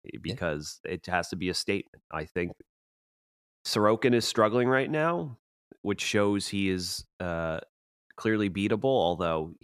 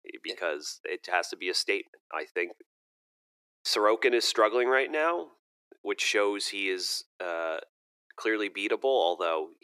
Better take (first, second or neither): first